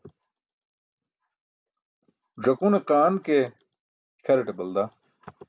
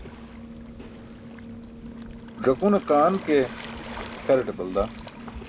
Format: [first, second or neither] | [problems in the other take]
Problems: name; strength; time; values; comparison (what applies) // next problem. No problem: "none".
first | background sound (Waves, surf); 12 dB below the speech